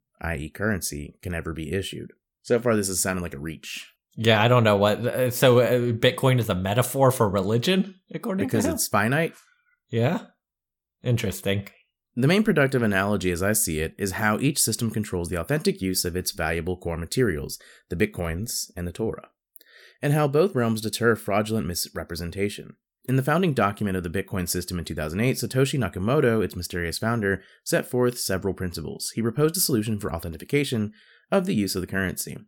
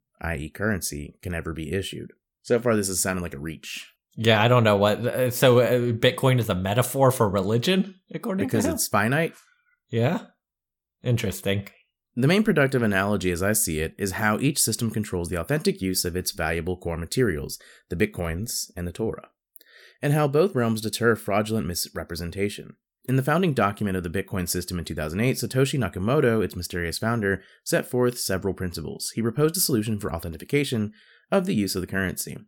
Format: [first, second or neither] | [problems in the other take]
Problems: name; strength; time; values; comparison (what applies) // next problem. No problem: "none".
neither | none